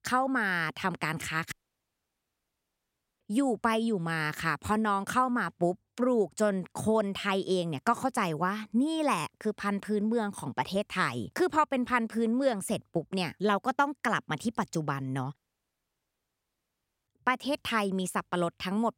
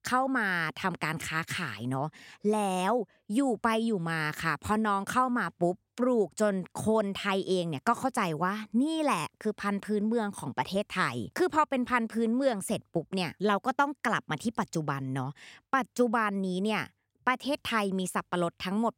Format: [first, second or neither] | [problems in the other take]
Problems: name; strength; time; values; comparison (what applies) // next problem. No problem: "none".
second | audio cutting out; at 1.5 s for 1.5 s and at 15 s for 1.5 s